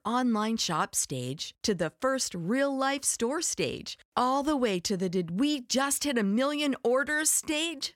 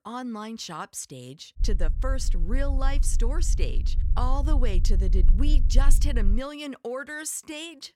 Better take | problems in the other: first | low rumble; noticeable; from 1.5 to 6.5 s; 15 dB below the speech

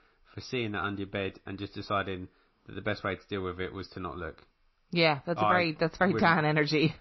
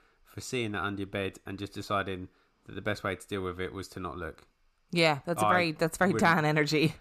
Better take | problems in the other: second | garbled, watery; slightly; nothing above 5.5 kHz

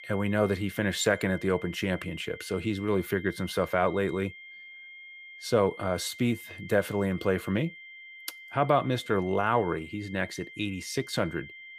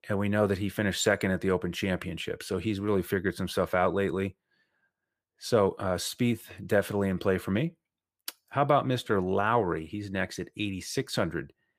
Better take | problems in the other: second | high-pitched whine; noticeable; throughout; 2 kHz, 15 dB below the speech

